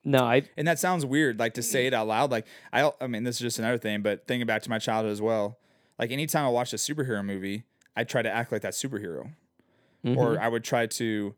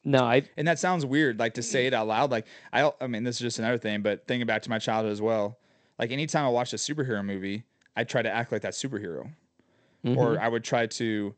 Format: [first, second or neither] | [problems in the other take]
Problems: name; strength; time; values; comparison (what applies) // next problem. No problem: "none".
first | garbled, watery; slightly; nothing above 8 kHz